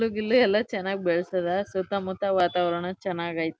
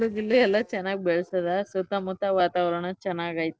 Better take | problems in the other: first | noise reduction (neural separator model SepFormer DNS4)

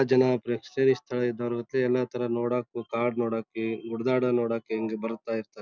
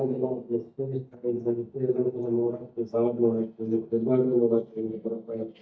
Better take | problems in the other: first | noise reduction (neural mask model DeepFilterNet 3)

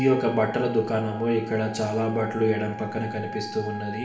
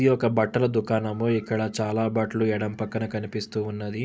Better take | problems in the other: second | background sound (Wind instrument, woodwind instrument); 12 dB below the speech // room echo; dies away in 0.7 s

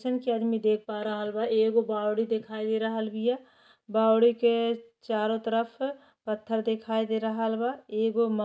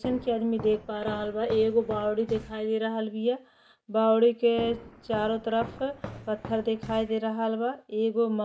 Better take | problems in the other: first | background sound (Walk, footsteps); 15 dB below the speech

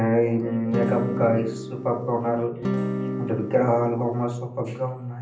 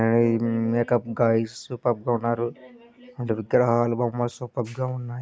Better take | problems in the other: second | background sound (Acoustic guitar / Strum); 5 dB below the speech // room echo; dies away in 0.6 s

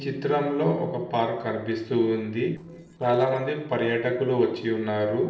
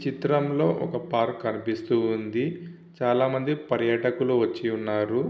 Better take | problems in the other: second | noise reduction (neural separator model SepFormer DNS4)

